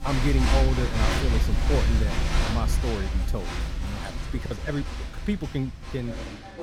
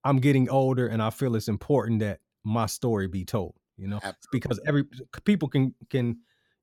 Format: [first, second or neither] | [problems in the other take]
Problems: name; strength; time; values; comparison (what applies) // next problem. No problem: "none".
second | crowd noise; very loud; throughout; 4 dB above the speech